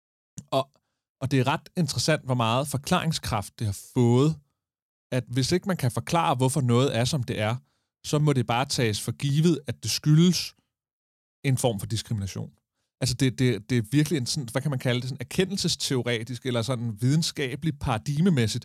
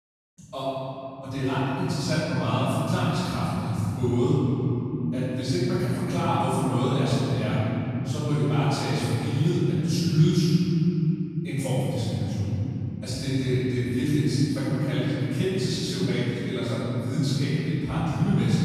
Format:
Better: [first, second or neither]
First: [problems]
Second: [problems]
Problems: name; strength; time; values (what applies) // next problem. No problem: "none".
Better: first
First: none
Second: off-mic speech; far // room echo; strong; dies away in 3 s